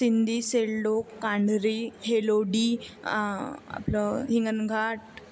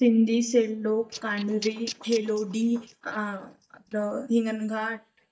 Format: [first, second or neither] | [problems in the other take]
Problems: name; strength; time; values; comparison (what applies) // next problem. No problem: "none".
first | noise reduction (neural mask model DeepFilterNet 3)